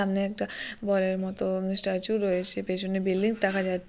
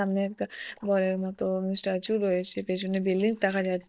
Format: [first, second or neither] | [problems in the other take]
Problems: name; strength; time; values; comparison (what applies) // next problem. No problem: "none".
first | noise reduction (neural mask model DeepFilterNet 3)